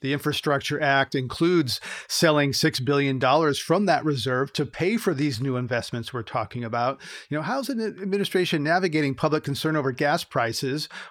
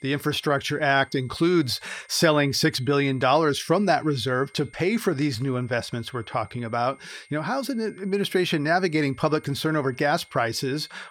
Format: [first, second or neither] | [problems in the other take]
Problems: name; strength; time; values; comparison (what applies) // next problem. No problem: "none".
first | high-pitched whine; faint; throughout; 2 kHz, 30 dB below the speech